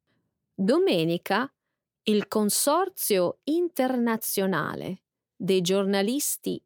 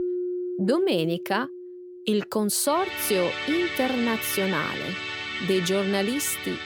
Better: first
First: none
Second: background music; loud; throughout; 5 dB below the speech

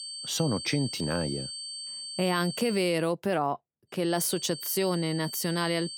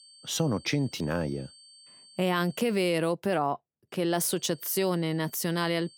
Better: second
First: high-pitched whine; loud; until 3 s and from 4 s on; 4.5 kHz, 8 dB below the speech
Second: high-pitched whine; faint; until 3 s and from 4 s on; 4.5 kHz, 25 dB below the speech

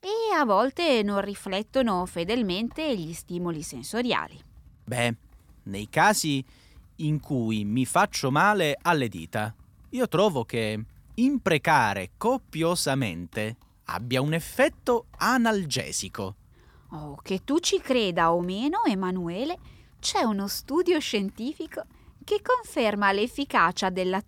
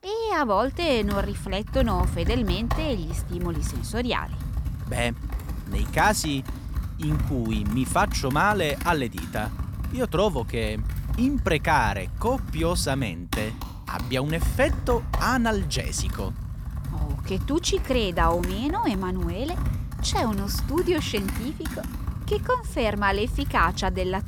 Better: first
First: household noises; faint; throughout; 30 dB below the speech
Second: household noises; loud; throughout; 6 dB below the speech

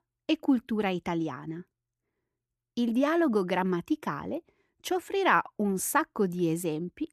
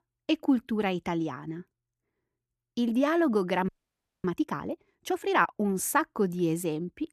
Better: first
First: none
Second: audio freezing; at 3.5 s for 0.5 s

